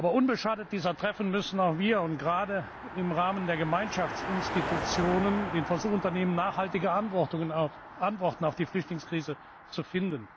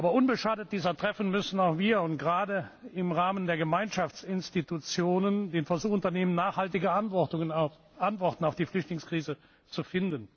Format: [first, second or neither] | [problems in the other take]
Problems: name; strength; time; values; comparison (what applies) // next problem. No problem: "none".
second | background sound (Car passing by); 10 dB below the speech